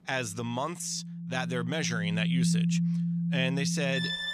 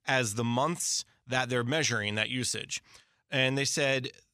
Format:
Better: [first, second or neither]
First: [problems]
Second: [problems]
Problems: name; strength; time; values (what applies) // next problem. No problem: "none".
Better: second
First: background music; very loud; throughout; 3 dB above the speech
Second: none